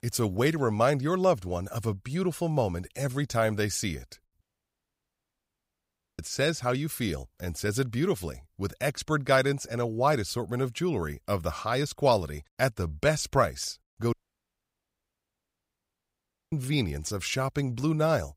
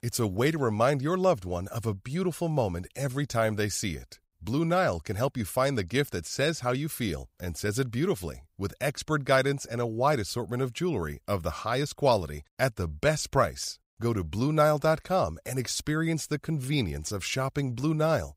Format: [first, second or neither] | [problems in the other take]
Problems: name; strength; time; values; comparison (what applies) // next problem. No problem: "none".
second | audio cutting out; at 4.5 s for 2 s and at 14 s for 2.5 s